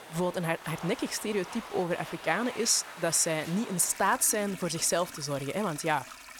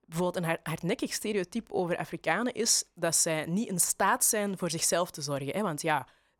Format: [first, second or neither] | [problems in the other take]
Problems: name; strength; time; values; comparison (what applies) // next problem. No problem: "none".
second | household noises; noticeable; throughout; 15 dB below the speech